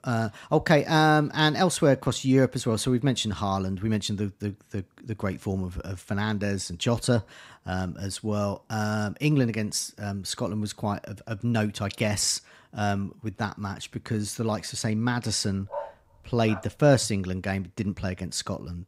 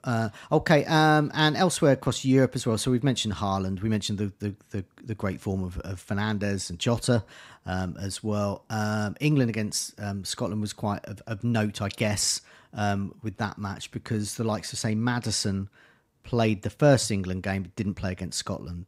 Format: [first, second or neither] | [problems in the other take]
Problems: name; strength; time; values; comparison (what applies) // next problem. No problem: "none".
second | dog barking; faint; at 16 s; peak 10 dB below the speech